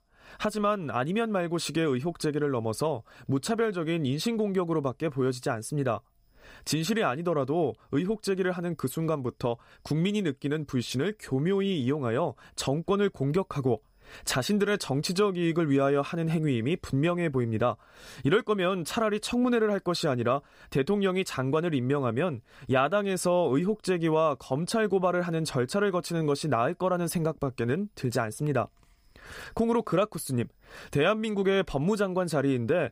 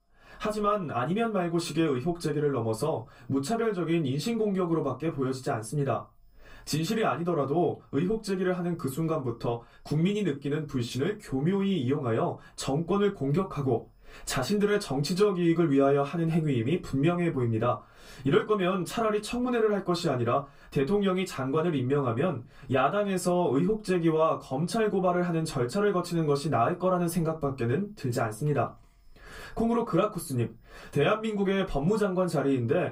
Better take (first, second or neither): first